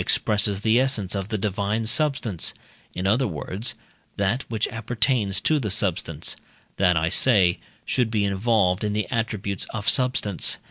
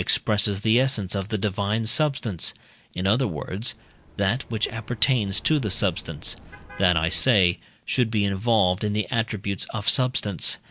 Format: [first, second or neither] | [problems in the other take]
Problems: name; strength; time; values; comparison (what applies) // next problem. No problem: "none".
first | background sound (Car passing by); 20 dB below the speech